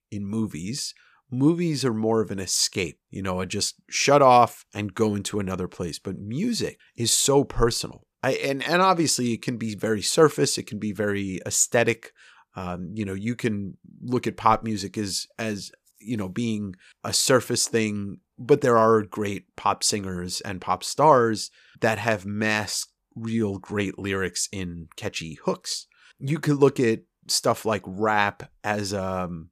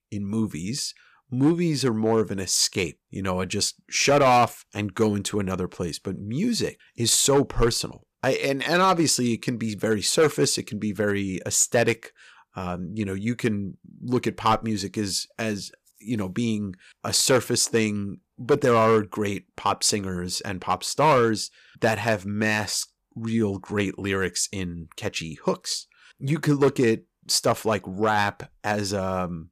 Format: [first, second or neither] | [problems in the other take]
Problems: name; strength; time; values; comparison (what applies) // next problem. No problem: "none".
first | distortion; slight; 2% of the sound clipped